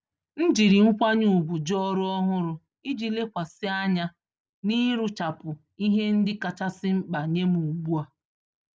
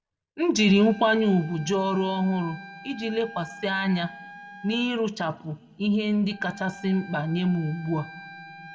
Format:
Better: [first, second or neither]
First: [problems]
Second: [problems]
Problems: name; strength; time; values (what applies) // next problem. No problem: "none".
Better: first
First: none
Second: background sound (Wind instrument, woodwind instrument); 19 dB below the speech // room echo; dies away in 2.1 s